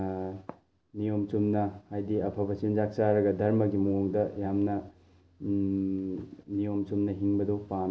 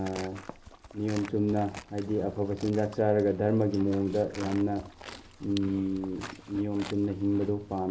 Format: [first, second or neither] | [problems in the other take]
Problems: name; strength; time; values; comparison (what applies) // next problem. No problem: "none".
first | background sound (Livestock, farm animals, working animals); 17 dB below the speech